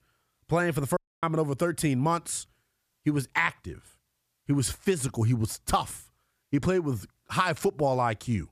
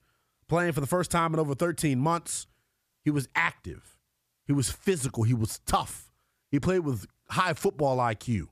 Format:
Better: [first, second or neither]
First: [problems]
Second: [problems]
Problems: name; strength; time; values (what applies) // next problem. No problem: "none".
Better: second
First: audio cutting out; at 1 s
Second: none